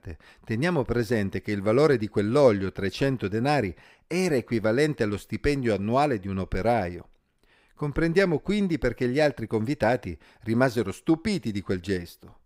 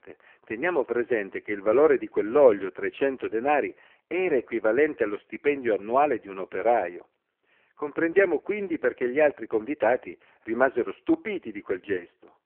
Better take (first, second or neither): first